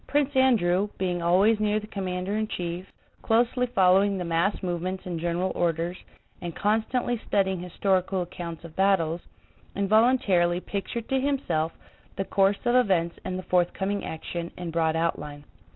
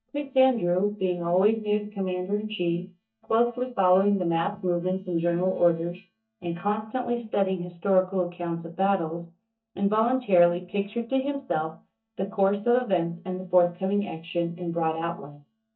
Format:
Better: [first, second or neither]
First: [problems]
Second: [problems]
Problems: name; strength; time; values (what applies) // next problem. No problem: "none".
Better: first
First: none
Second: noise reduction (neural mask model DeepFilterNet 3)